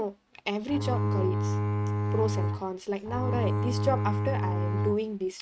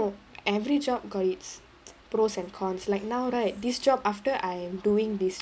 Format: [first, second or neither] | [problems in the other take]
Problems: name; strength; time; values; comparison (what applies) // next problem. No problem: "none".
second | noise reduction (neural mask model RNNoise)